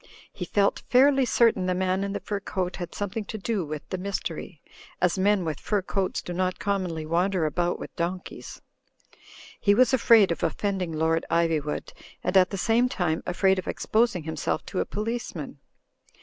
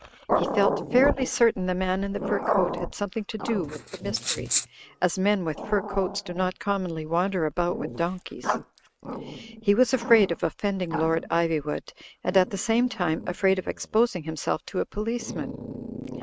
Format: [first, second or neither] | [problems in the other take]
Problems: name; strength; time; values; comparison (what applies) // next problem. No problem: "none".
first | noise reduction (neural mask model RNNoise)